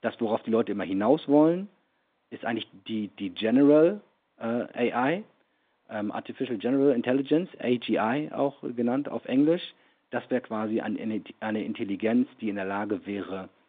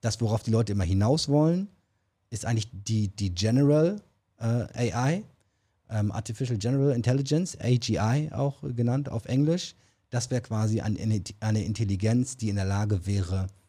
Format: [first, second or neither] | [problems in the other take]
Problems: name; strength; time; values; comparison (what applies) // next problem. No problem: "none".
second | phone-call audio; nothing above 3.5 kHz